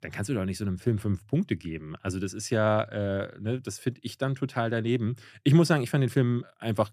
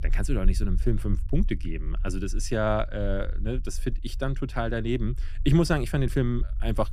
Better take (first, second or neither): first